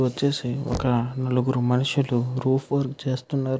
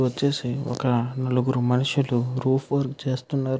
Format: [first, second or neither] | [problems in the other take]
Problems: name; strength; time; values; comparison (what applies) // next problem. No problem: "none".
second | background sound (Knock); 17 dB below the speech